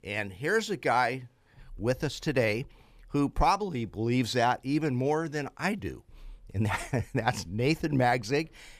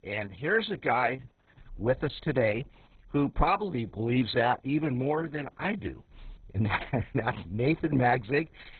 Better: first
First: none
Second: garbled, watery; badly; nothing above 4 kHz

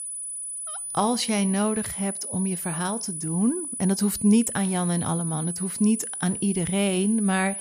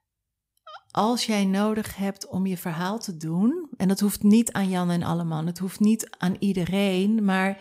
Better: second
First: high-pitched whine; loud; throughout; 10 kHz, 5 dB below the speech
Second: none

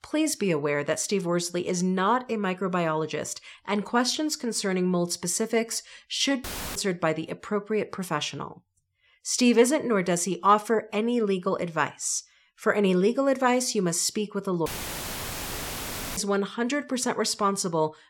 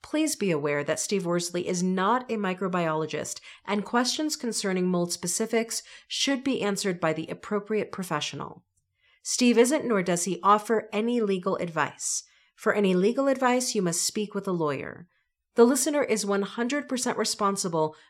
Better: second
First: audio cutting out; filled with static; at 6.5 s and at 15 s for 1.5 s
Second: none

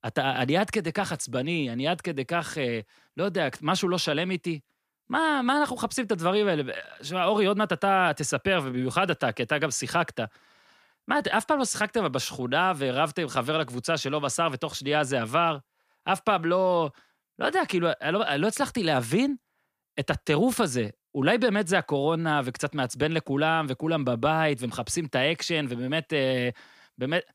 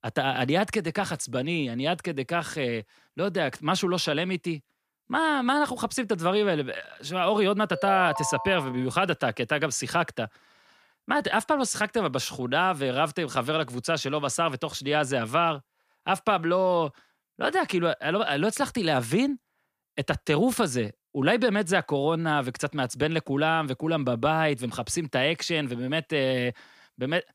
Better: first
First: none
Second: phone ringing; noticeable; from 7.5 to 9 s; peak 6 dB below the speech

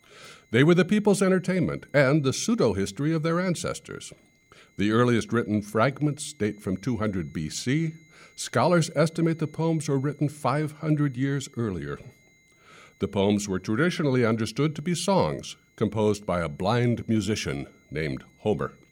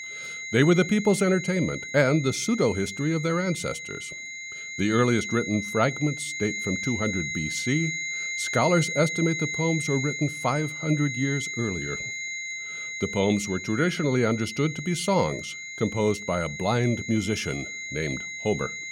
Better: first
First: high-pitched whine; faint; throughout; 2 kHz, 35 dB below the speech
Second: high-pitched whine; loud; throughout; 2 kHz, 6 dB below the speech

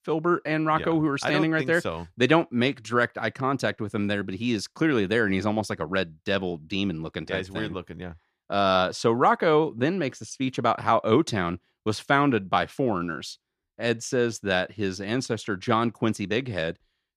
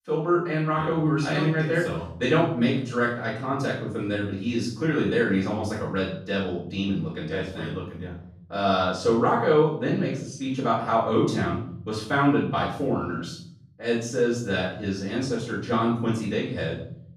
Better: first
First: none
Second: room echo; noticeable; dies away in 0.8 s // off-mic speech; far

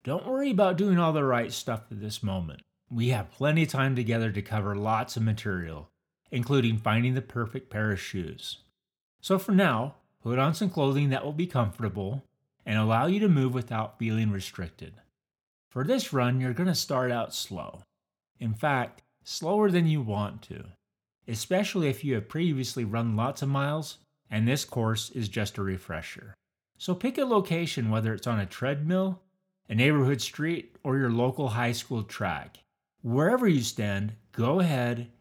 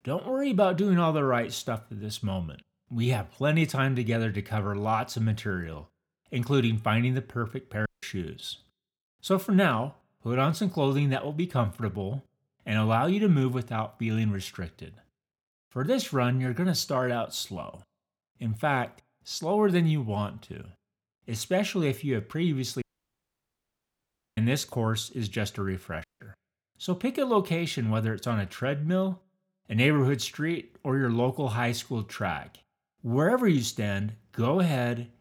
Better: first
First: none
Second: audio cutting out; at 8 s, at 23 s for 1.5 s and at 26 s

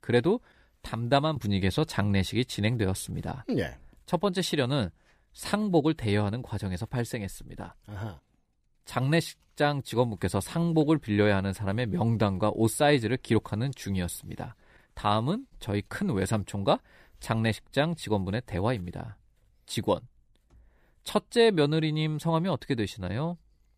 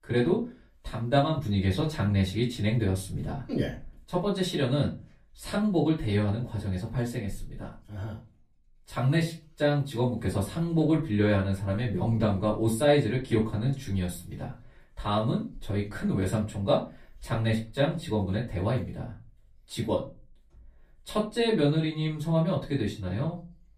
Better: first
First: none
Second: off-mic speech; far // room echo; very slight; dies away in 0.3 s

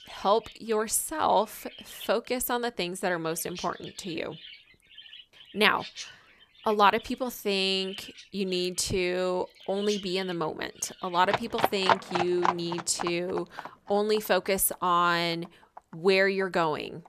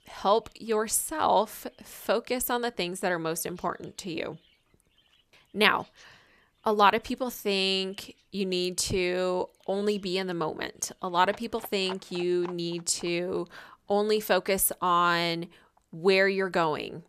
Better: second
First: animal sounds; loud; throughout; 8 dB below the speech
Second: animal sounds; faint; throughout; 25 dB below the speech

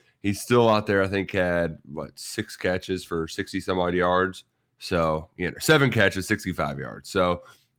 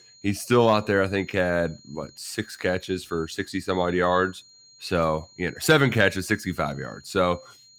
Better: first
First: none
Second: high-pitched whine; faint; throughout; 4 kHz, 25 dB below the speech

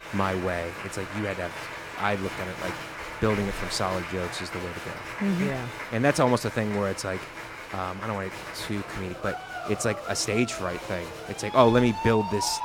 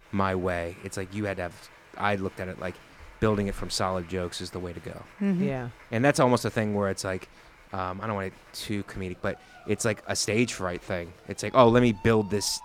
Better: second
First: crowd noise; loud; throughout; 8 dB below the speech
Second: crowd noise; faint; throughout; 25 dB below the speech

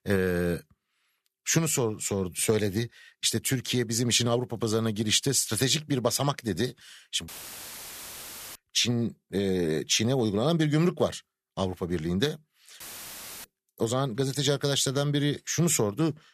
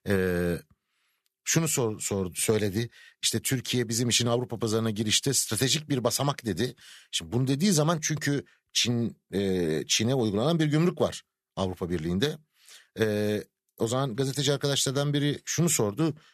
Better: second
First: audio cutting out; filled with static; at 7.5 s for 1.5 s and at 13 s for 0.5 s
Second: none

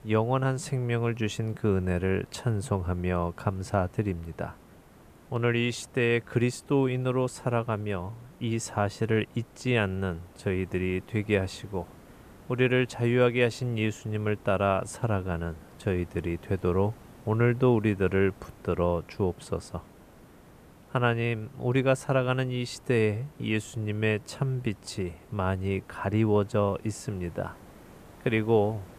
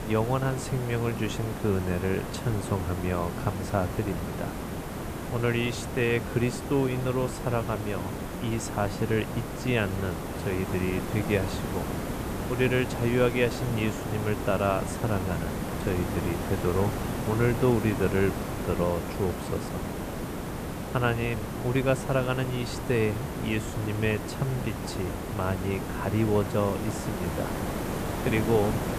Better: first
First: hiss; faint; throughout; 25 dB below the speech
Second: hiss; loud; throughout; 4 dB below the speech

